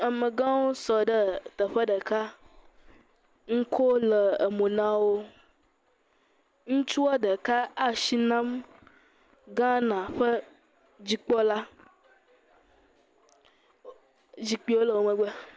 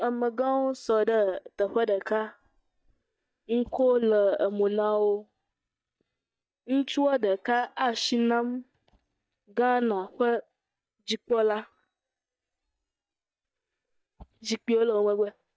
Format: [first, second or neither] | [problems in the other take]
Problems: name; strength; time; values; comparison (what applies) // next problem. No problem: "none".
first | noise reduction (neural mask model DeepFilterNet 3)